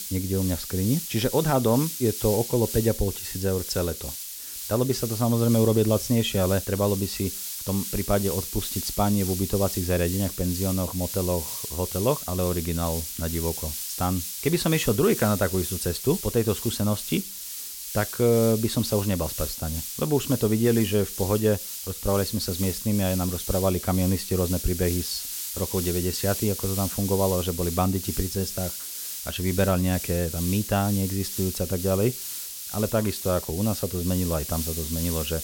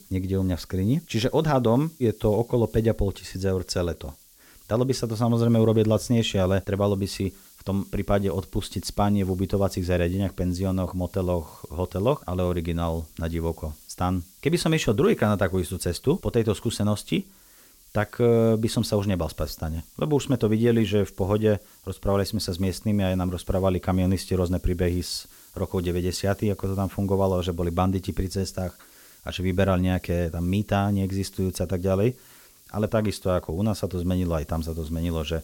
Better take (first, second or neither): second